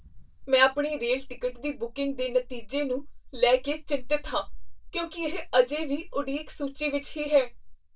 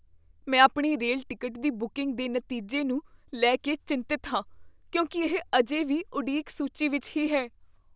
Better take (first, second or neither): second